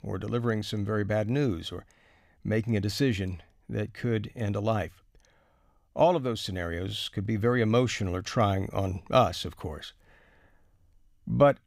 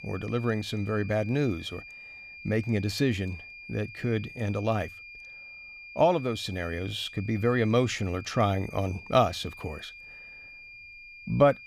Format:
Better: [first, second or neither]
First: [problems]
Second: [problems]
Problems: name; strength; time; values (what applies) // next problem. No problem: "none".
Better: first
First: none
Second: high-pitched whine; noticeable; throughout; 2.5 kHz, 15 dB below the speech